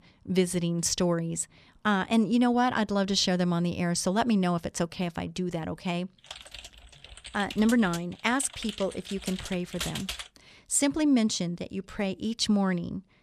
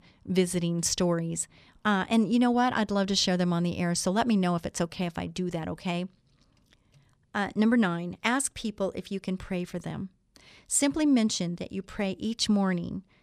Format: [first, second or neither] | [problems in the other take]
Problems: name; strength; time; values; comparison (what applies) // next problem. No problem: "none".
second | keyboard typing; noticeable; from 6.5 to 10 s; peak 6 dB below the speech